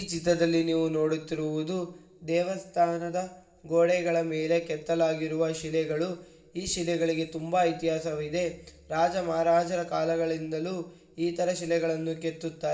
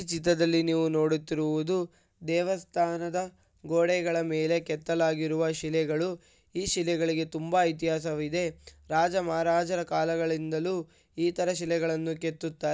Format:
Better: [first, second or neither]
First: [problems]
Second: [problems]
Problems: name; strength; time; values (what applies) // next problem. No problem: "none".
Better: second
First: room echo; dies away in 2 s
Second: none